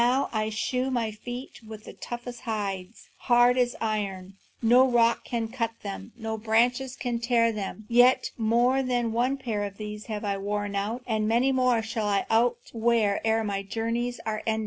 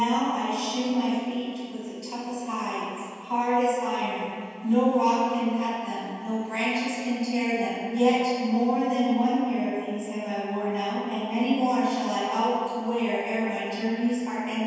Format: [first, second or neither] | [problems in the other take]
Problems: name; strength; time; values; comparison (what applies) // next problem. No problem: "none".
first | room echo; dies away in 2.1 s